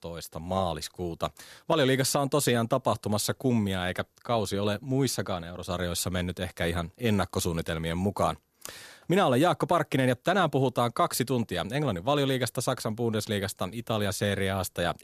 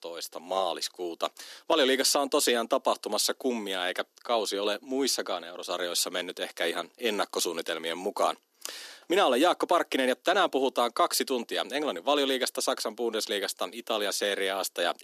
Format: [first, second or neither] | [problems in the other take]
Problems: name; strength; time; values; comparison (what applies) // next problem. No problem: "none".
first | thin; somewhat; fading below 250 Hz